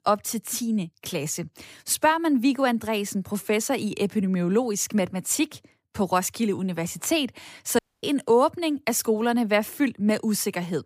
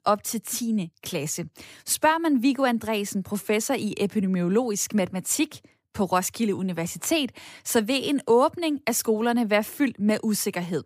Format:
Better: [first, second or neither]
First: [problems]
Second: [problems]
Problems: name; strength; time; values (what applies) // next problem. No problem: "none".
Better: second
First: audio cutting out; at 8 s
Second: none